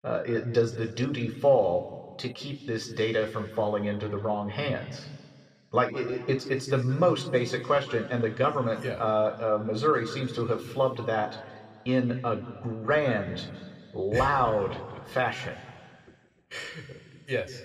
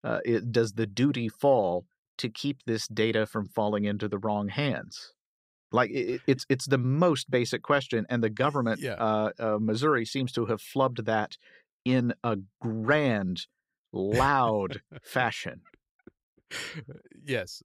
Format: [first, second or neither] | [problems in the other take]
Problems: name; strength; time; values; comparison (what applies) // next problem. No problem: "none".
second | room echo; slight; dies away in 1.9 s